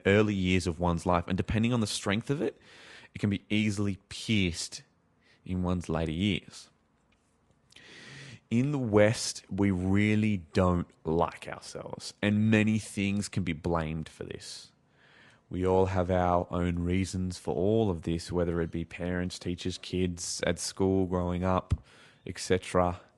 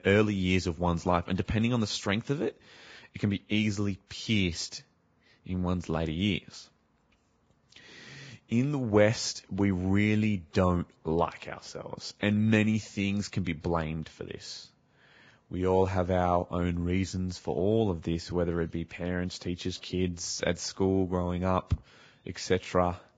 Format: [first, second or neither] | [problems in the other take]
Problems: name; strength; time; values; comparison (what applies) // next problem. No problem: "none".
first | garbled, watery; badly; nothing above 7.5 kHz; slightly in the first